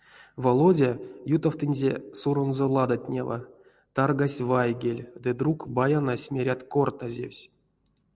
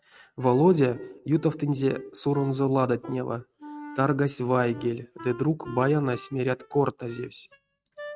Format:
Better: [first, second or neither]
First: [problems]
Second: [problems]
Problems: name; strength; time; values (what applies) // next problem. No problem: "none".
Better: first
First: none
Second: noise reduction (neural mask model RNNoise)